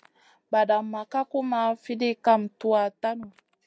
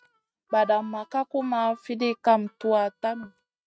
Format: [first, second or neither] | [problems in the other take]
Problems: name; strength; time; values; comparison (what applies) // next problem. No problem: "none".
first | noise reduction (neural mask model RNNoise)